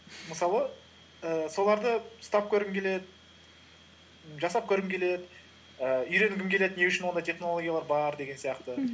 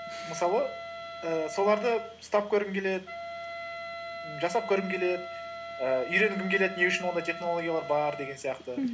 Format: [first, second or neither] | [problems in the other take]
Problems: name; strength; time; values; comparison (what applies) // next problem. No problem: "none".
first | background sound (Wind instrument, woodwind instrument); 10 dB below the speech